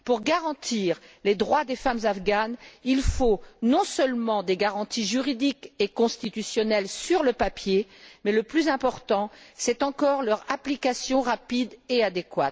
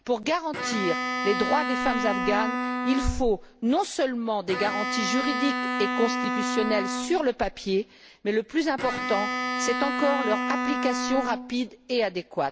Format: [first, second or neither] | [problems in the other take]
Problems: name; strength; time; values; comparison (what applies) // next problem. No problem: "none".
first | background sound (Bowed string instrument); 3 dB below the speech